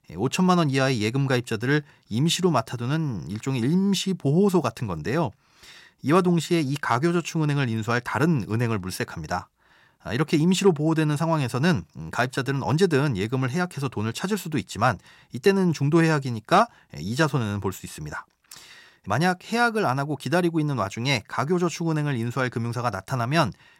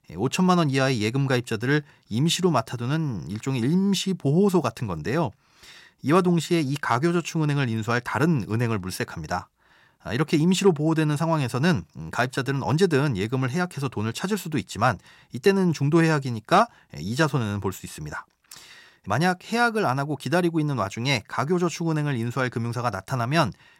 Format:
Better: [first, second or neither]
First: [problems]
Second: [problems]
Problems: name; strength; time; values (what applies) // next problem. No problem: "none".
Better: neither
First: none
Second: none